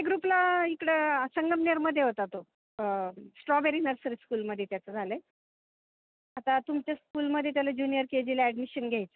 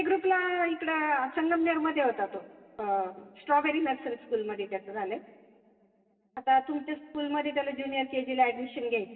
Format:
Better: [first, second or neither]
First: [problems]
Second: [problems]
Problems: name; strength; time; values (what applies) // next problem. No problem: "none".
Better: first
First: none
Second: room echo; dies away in 2 s